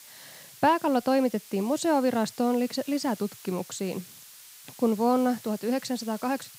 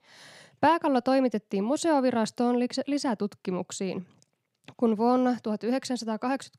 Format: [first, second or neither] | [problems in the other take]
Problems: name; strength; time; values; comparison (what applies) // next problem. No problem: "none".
second | hiss; noticeable; throughout; 20 dB below the speech